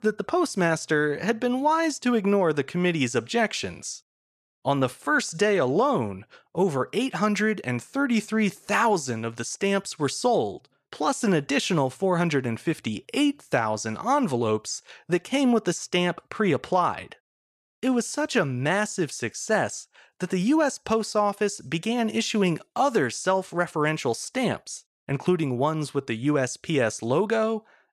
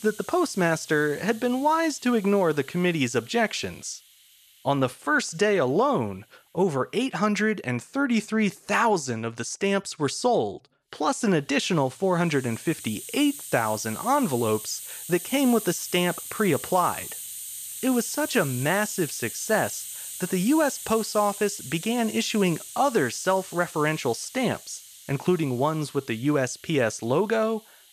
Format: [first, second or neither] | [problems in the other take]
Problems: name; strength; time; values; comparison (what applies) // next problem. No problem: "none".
first | hiss; noticeable; throughout; 10 dB below the speech